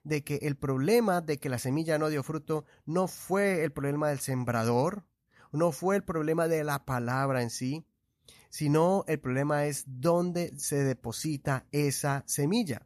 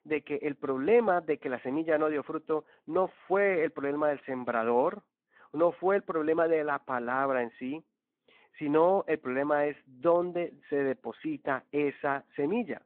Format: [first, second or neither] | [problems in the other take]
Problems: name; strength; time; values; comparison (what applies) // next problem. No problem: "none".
first | phone-call audio